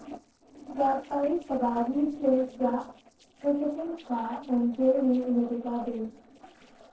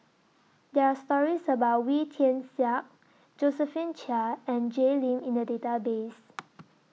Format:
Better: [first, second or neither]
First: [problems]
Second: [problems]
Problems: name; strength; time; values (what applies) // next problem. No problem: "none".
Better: second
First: noise reduction (neural separator model SepFormer DNS4)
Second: none